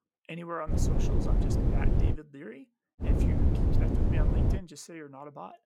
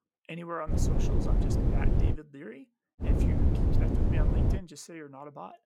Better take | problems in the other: neither | wind noise on the microphone; heavy; from 0.5 to 2 s and from 3 to 4.5 s; 4 dB above the speech; the same in both

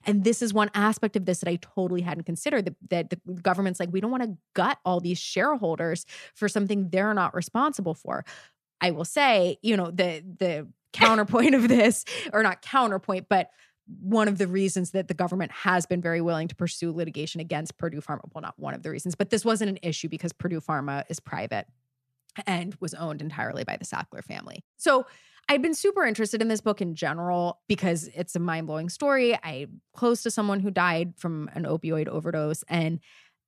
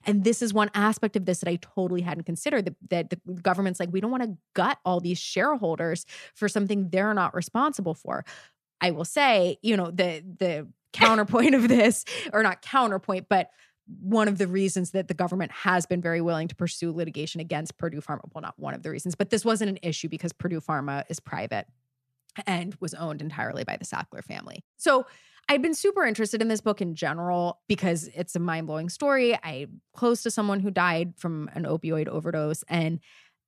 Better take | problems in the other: neither | none

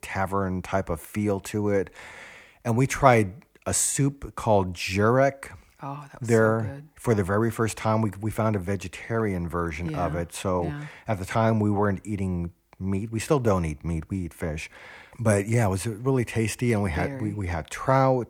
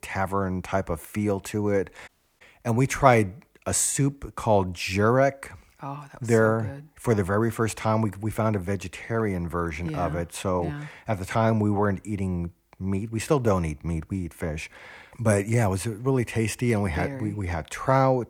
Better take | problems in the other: first | audio cutting out; at 2 s

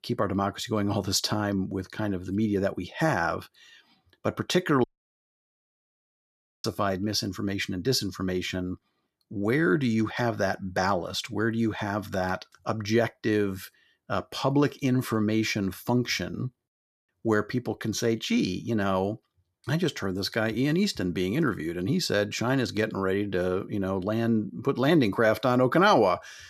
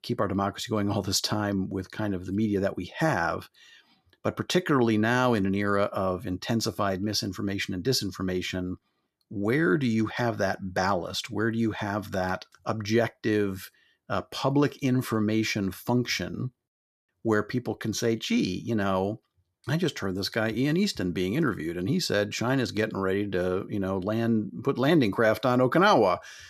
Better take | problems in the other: second | audio cutting out; at 5 s for 2 s

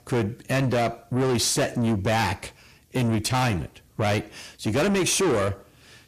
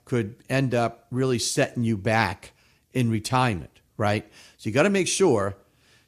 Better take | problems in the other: second | distortion; heavy; 6 dB below the speech

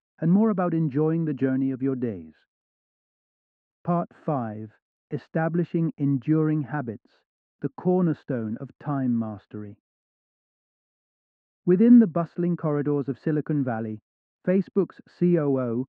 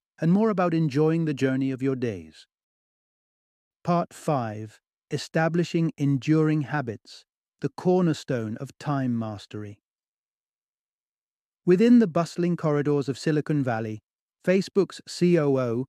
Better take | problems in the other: second | muffled; very; fading above 1.5 kHz

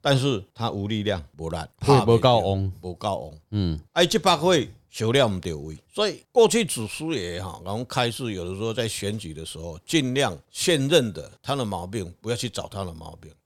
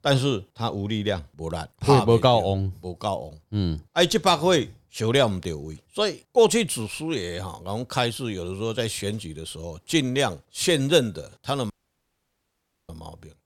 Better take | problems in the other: first | audio cutting out; at 12 s for 1 s

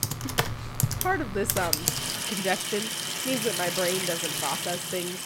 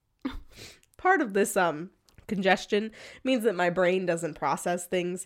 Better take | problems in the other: second | household noises; very loud; throughout; 2 dB above the speech

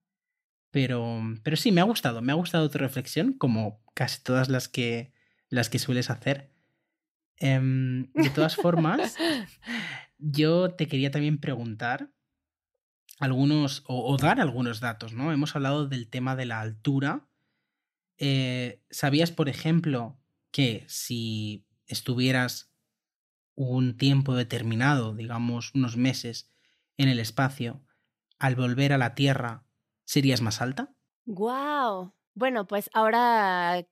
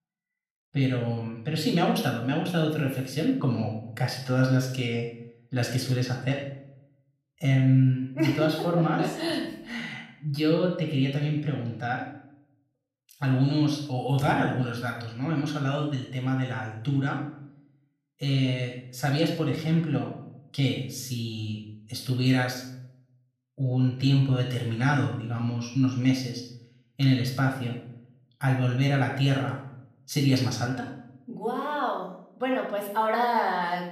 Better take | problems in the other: first | off-mic speech; somewhat distant // room echo; noticeable; dies away in 0.6 s

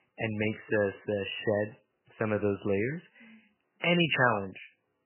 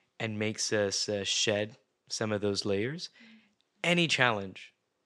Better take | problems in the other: second | garbled, watery; badly; nothing above 3 kHz

